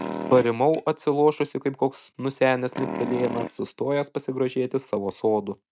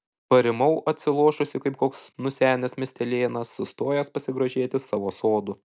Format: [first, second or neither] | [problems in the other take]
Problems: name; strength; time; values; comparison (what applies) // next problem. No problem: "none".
second | noise reduction (neural mask model RNNoise)